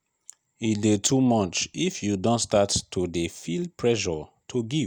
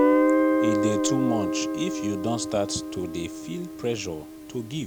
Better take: first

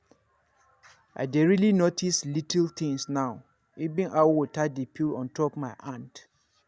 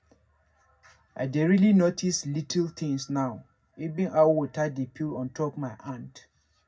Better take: first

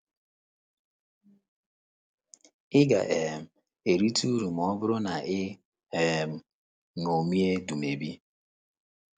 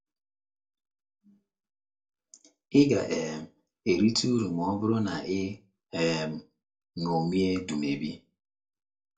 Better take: first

